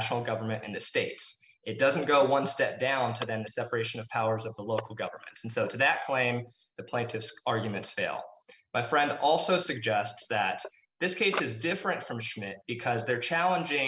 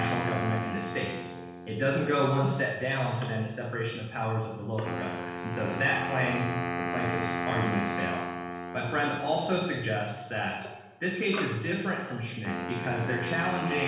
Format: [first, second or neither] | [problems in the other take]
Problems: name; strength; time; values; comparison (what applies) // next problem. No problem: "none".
first | background sound (Wind instrument, woodwind instrument); 6 dB below the speech // room echo; dies away in 1.1 s